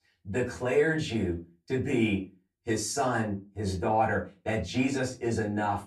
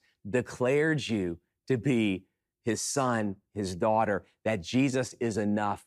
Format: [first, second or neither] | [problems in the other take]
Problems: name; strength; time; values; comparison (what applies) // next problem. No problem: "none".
second | off-mic speech; far // room echo; very slight; dies away in 0.2 s